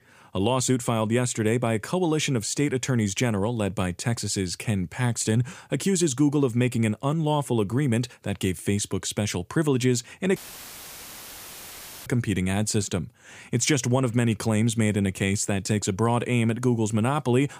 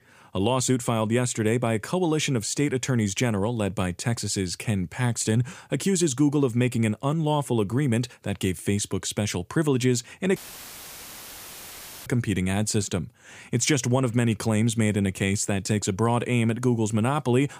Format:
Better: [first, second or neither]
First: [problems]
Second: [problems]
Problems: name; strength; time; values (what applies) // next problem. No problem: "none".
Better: neither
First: audio cutting out; filled with static; at 10 s for 1.5 s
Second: audio cutting out; filled with static; at 10 s for 1.5 s